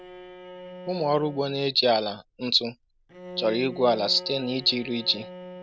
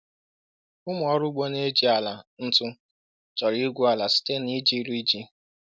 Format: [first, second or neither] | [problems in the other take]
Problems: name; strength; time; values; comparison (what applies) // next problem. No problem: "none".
second | background sound (Bowed string instrument); 15 dB below the speech